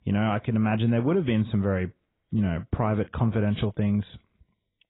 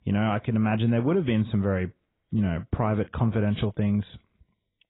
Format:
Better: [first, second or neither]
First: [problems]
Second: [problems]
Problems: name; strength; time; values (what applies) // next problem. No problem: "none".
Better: neither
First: garbled, watery; badly; nothing above 4 kHz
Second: garbled, watery; badly; nothing above 4 kHz